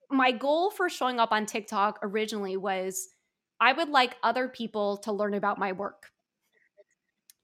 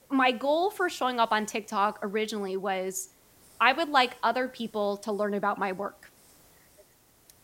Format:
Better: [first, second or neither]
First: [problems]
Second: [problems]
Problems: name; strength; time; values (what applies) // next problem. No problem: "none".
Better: first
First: none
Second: hiss; faint; throughout; 30 dB below the speech